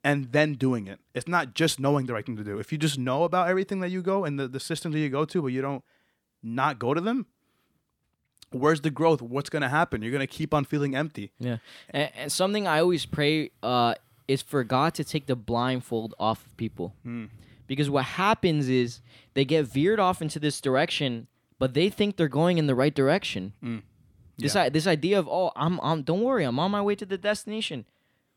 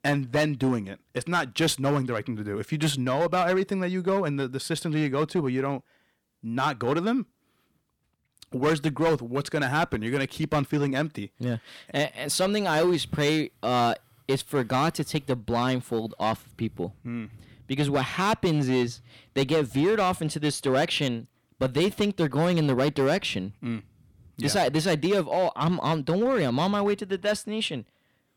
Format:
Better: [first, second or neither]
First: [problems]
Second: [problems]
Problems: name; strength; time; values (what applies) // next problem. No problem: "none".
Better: first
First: none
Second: distortion; slight; 6% of the sound clipped